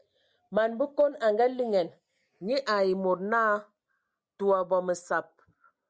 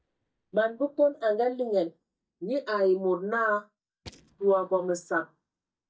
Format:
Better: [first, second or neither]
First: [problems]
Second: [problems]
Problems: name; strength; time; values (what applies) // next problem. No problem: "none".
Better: first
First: none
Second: noise reduction (neural mask model DeepFilterNet 3)